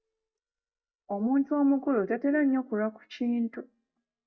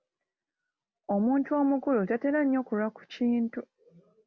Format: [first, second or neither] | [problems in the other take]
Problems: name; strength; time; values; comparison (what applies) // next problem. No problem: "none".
second | noise reduction (neural mask model DeepFilterNet 3)